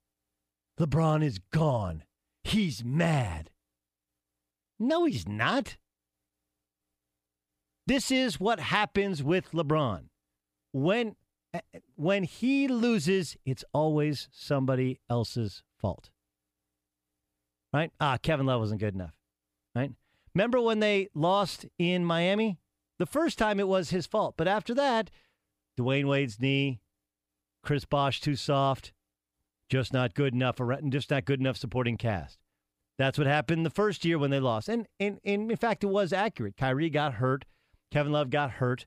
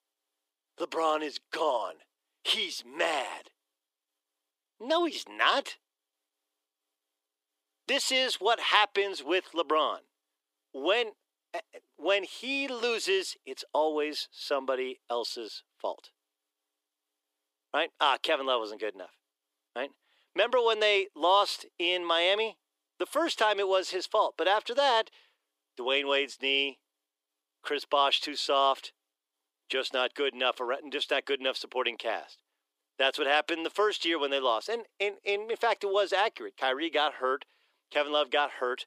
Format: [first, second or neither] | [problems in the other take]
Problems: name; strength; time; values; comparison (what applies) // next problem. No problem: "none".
first | thin; very; fading below 350 Hz